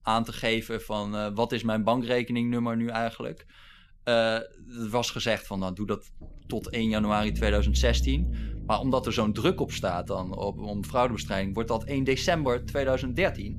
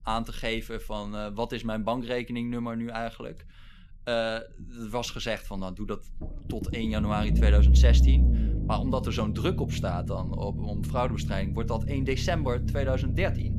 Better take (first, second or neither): first